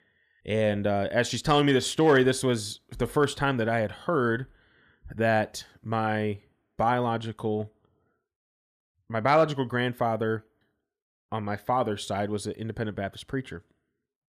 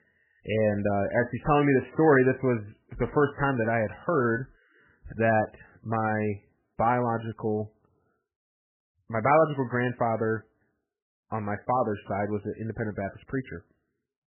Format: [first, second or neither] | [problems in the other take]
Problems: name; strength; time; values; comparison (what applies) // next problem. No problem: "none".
first | garbled, watery; badly; nothing above 3 kHz